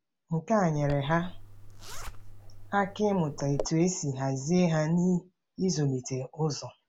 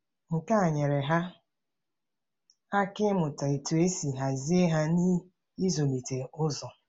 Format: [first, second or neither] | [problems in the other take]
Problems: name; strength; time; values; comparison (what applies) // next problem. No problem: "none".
second | background sound (Zipper (clothing)); 10 dB below the speech